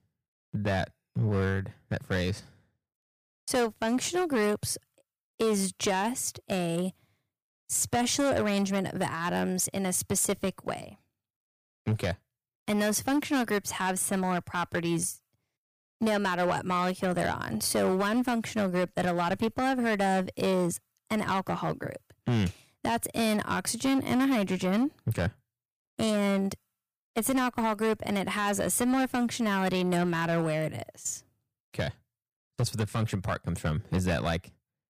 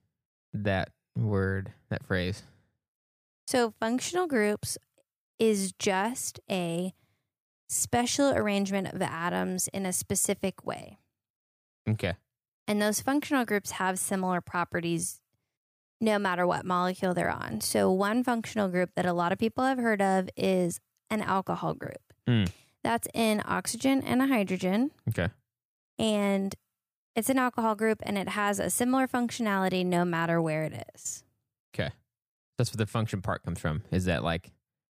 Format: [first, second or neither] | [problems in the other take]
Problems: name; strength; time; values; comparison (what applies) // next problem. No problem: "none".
second | distortion; slight; 8% of the sound clipped